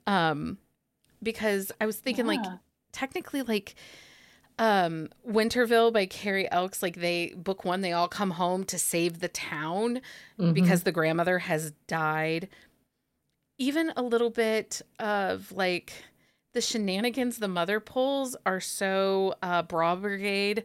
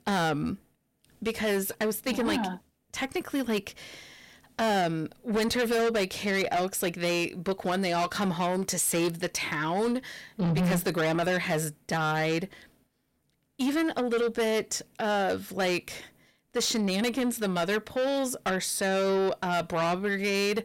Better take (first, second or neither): first